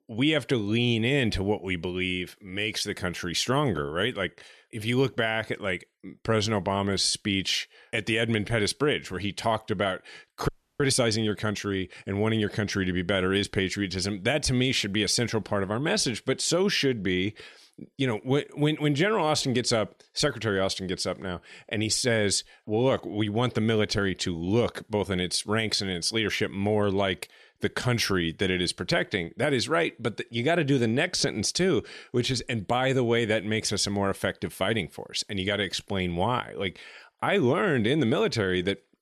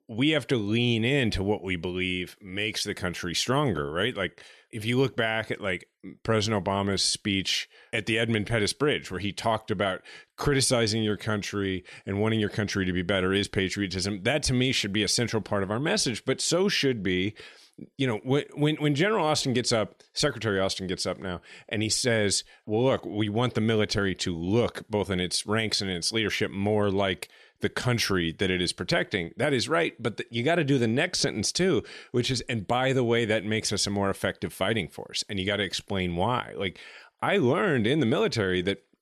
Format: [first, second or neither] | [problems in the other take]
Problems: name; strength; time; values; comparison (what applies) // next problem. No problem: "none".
second | audio freezing; at 10 s